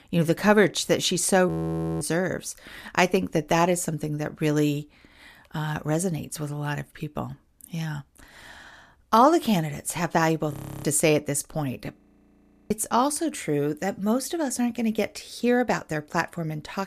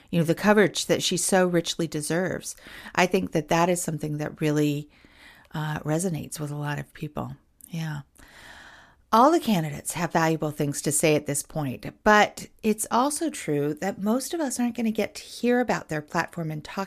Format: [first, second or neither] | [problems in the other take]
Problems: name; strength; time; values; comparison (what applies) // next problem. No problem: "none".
second | audio freezing; at 1.5 s for 0.5 s, at 11 s and at 12 s for 0.5 s